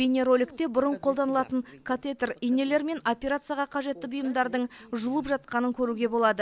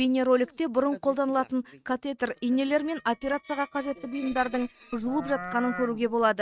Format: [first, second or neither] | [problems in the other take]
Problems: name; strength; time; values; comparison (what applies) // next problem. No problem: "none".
first | noise reduction (neural mask model RNNoise)